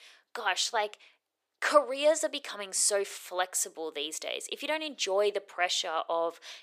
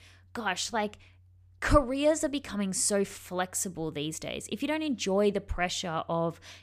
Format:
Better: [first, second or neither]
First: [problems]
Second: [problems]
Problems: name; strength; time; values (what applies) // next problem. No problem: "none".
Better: second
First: thin; very; fading below 400 Hz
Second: none